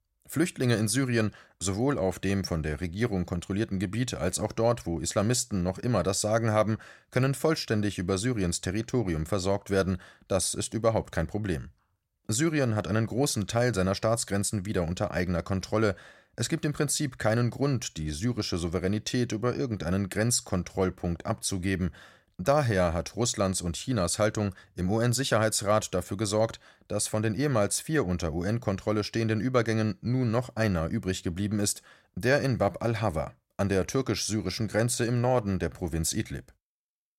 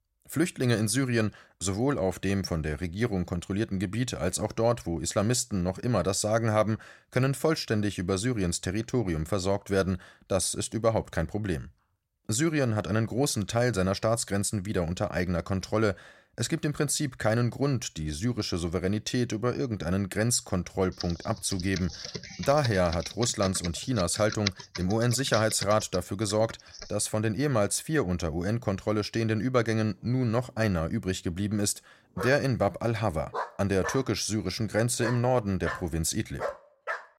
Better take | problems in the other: first | keyboard typing; noticeable; from 21 to 27 s; peak 5 dB below the speech // dog barking; noticeable; from 32 s on; peak 8 dB below the speech

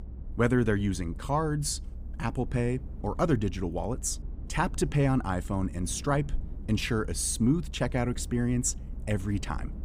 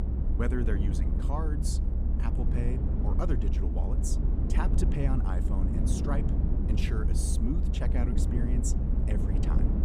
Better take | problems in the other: first | low rumble; loud; throughout; 2 dB below the speech; faint in the first

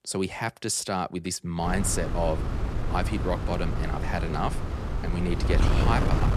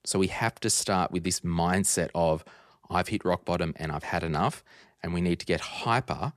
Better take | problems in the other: second | wind noise on the microphone; heavy; from 1.5 s on; 5 dB below the speech

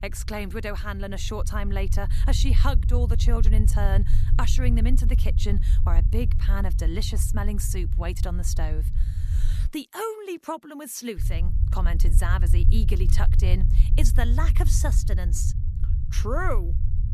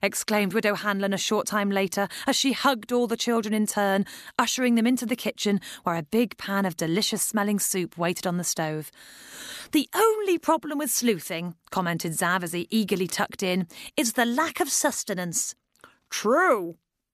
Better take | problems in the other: second | low rumble; loud; until 9.5 s and from 11 s on; 10 dB below the speech

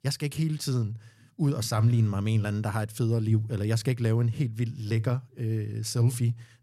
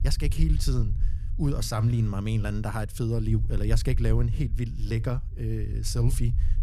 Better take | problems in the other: first | low rumble; noticeable; throughout; 15 dB below the speech

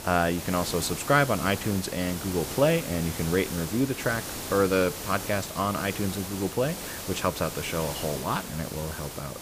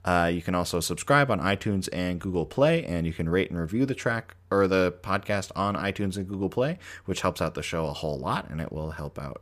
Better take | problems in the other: second | hiss; loud; throughout; 7 dB below the speech

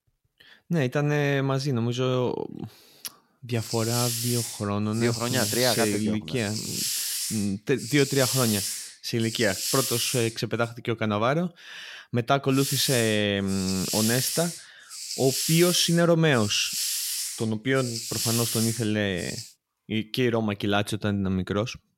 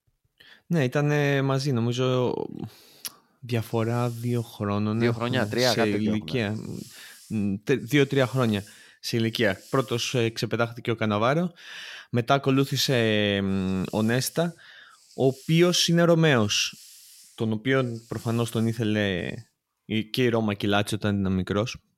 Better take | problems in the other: second | hiss; loud; from 3.5 to 11 s and from 13 to 19 s; 3 dB below the speech; faint in the second

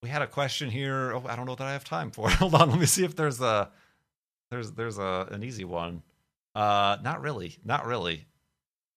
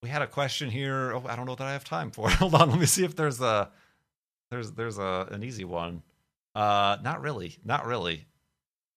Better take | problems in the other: neither | none

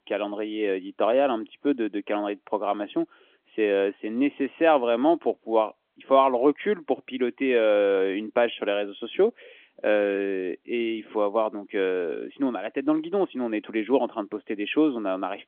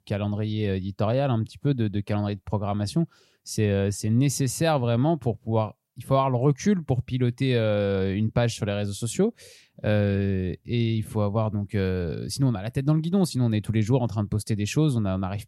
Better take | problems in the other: second | phone-call audio; nothing above 3.5 kHz

